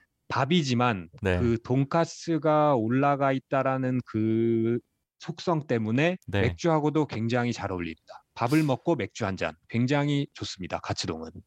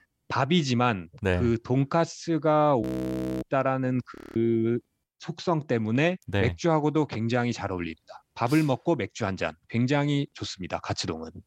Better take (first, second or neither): first